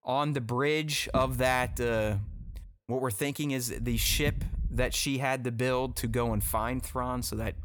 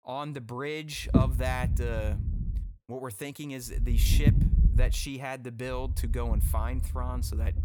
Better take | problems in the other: first | low rumble; loud; from 1 to 2.5 s, from 4 to 5 s and from 6 s on; 5 dB below the speech; faint in the first

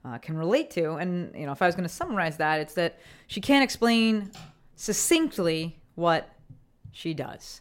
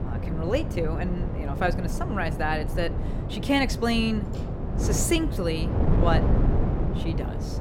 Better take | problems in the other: first | wind noise on the microphone; heavy; 7 dB below the speech

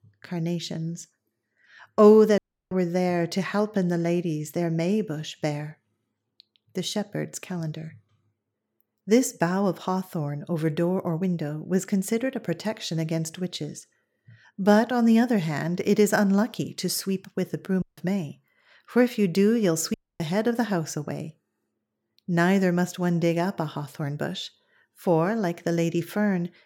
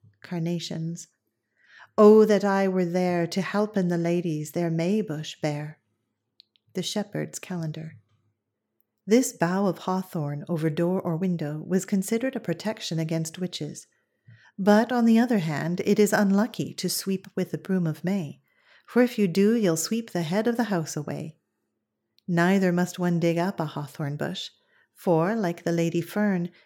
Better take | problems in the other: second | audio cutting out; at 2.5 s, at 18 s and at 20 s

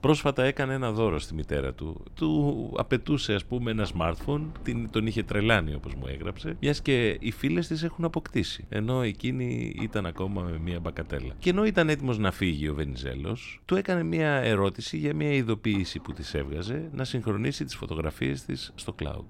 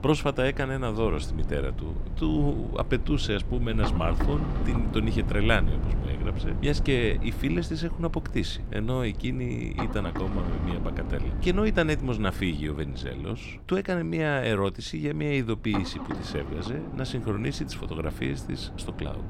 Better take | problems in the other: first | low rumble; loud; throughout; 10 dB below the speech; faint in the first

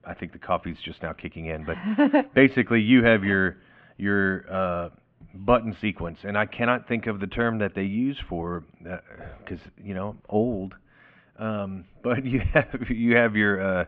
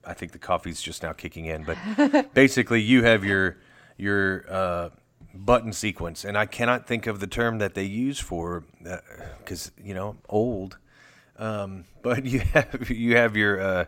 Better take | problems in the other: second | muffled; very; fading above 3 kHz

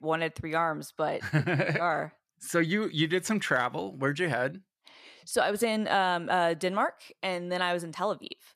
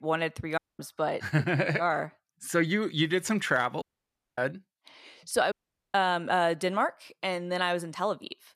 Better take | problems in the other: first | audio cutting out; at 0.5 s, at 4 s for 0.5 s and at 5.5 s

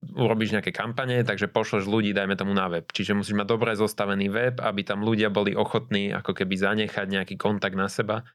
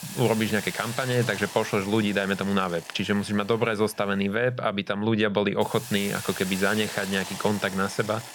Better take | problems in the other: first | hiss; noticeable; throughout; 10 dB below the speech

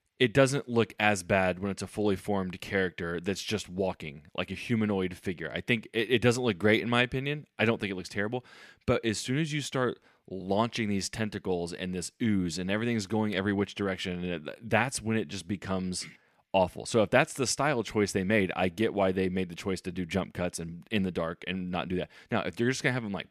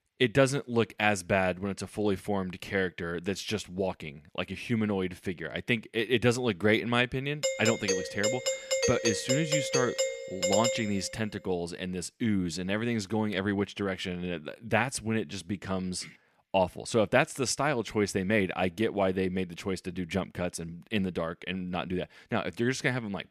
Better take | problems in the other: first | doorbell; loud; from 7.5 to 11 s; peak 2 dB above the speech

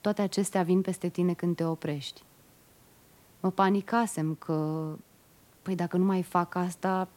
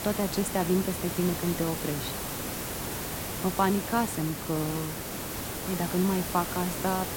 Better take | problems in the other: first | hiss; loud; throughout; 3 dB below the speech; faint in the first

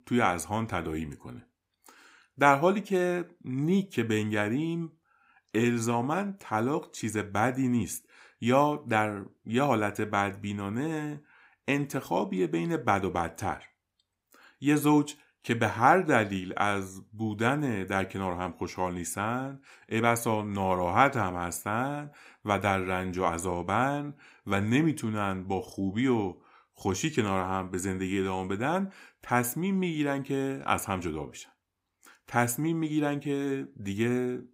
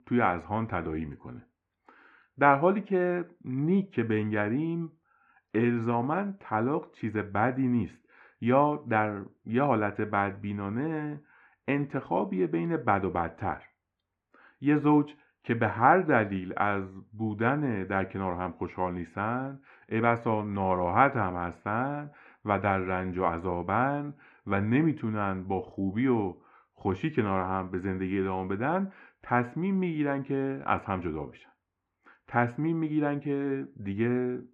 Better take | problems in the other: first | muffled; very; fading above 2 kHz

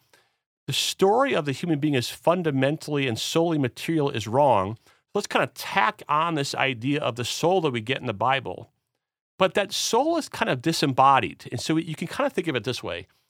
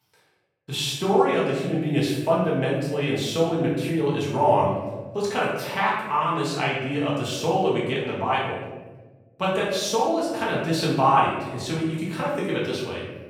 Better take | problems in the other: first | off-mic speech; far // room echo; noticeable; dies away in 1.1 s

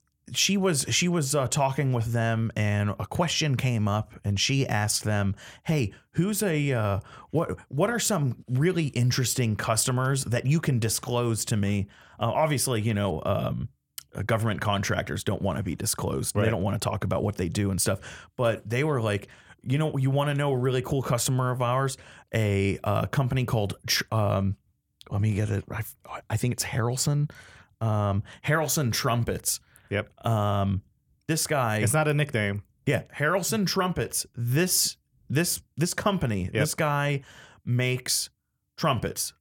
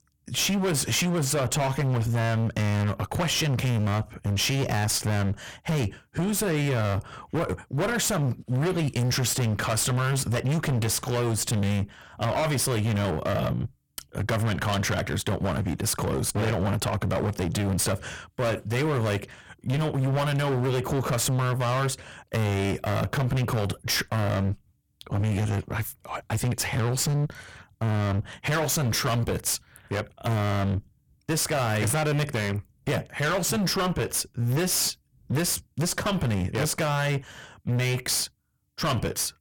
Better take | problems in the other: first | distortion; heavy; 32% of the sound clipped

